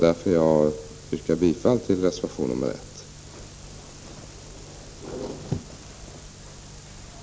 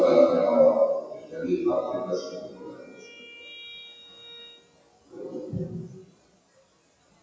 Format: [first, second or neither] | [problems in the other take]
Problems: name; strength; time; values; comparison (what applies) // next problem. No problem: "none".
first | noise reduction (classical method WPE with log-MMSE)